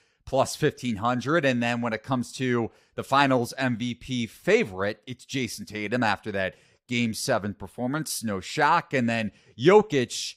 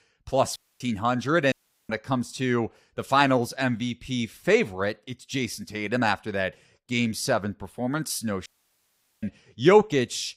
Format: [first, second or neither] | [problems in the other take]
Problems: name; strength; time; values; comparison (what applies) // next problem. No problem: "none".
first | audio cutting out; at 0.5 s, at 1.5 s and at 8.5 s for 1 s